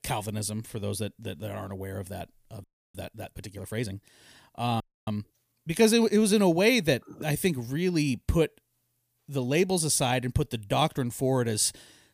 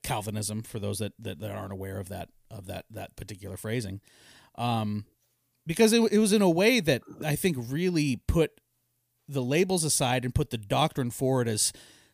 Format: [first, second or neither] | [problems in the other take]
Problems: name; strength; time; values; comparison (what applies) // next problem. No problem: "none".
second | audio freezing; at 2.5 s and at 5 s